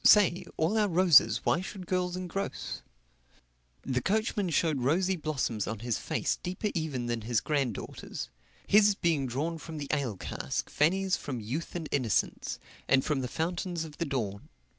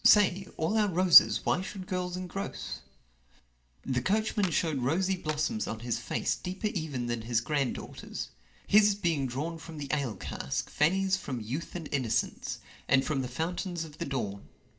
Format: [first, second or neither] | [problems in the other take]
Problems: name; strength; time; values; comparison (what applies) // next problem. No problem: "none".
first | background sound (Clapping); 14 dB below the speech // room echo; dies away in 0.4 s